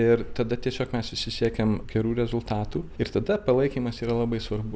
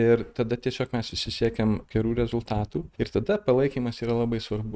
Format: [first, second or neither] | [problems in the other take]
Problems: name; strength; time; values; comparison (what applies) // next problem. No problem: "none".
first | noise reduction (neural mask model RNNoise)